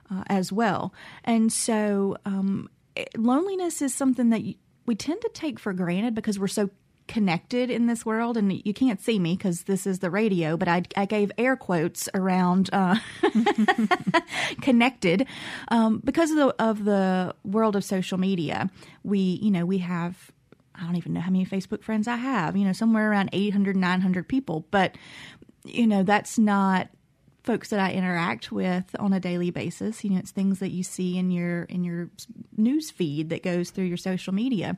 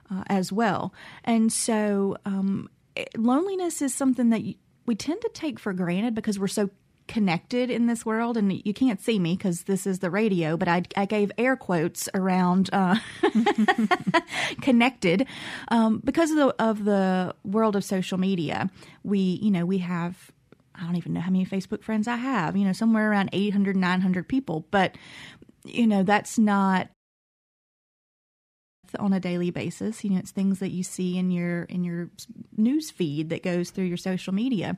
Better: first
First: none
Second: audio cutting out; at 27 s for 2 s

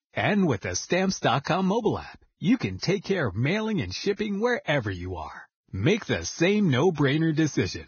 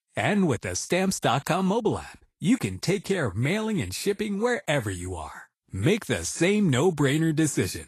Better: second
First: garbled, watery; badly; nothing above 6.5 kHz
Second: garbled, watery; slightly; nothing above 12.5 kHz

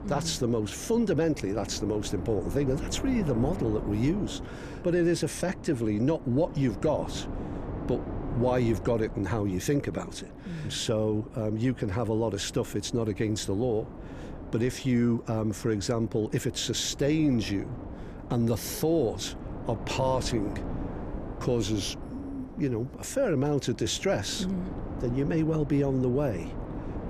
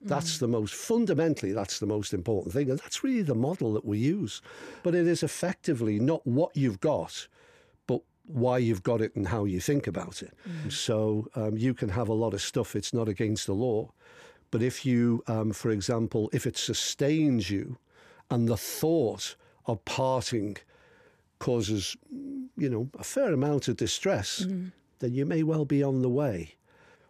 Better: second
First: wind noise on the microphone; occasional gusts; 15 dB below the speech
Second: none

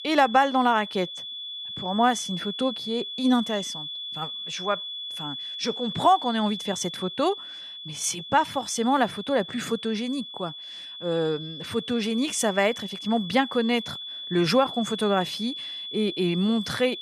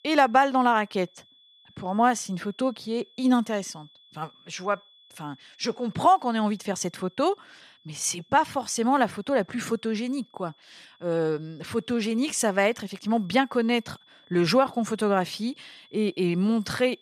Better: second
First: high-pitched whine; loud; throughout; 3.5 kHz, 8 dB below the speech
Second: high-pitched whine; faint; throughout; 3.5 kHz, 30 dB below the speech

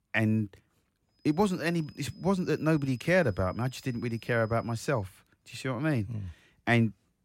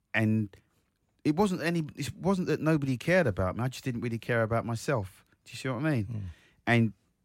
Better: second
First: high-pitched whine; faint; from 1.5 to 5 s; 5 kHz, 30 dB below the speech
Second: none

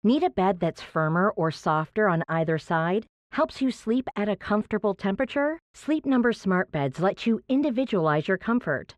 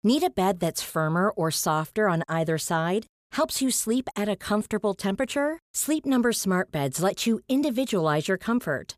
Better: second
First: muffled; very; fading above 2 kHz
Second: none

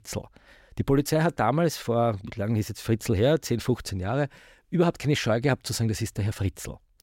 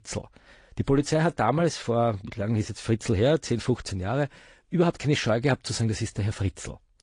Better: first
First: none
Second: garbled, watery; slightly

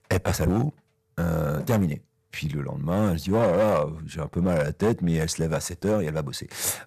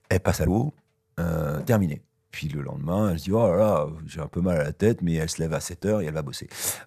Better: second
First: distortion; slight; 6% of the sound clipped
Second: none

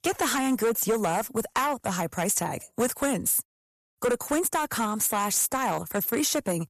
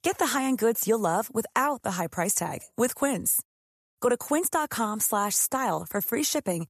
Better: second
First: distortion; slight; 8% of the sound clipped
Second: none

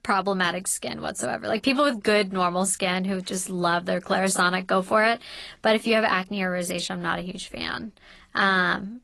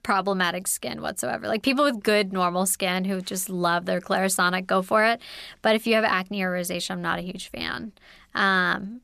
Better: second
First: garbled, watery; slightly; nothing above 11.5 kHz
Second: none

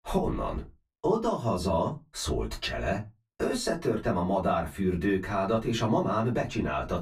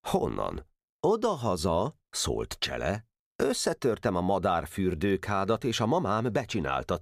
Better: second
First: off-mic speech; far // room echo; very slight; dies away in 0.2 s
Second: none

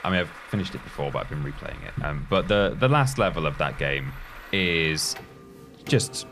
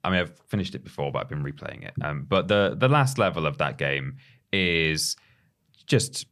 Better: second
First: traffic noise; noticeable; throughout; 15 dB below the speech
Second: none

